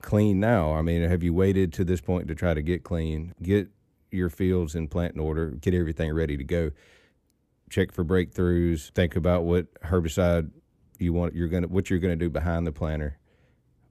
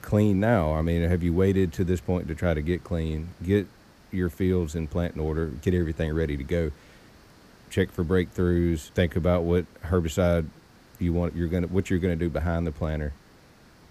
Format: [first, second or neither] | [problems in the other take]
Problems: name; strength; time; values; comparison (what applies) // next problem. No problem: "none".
first | hiss; faint; throughout; 25 dB below the speech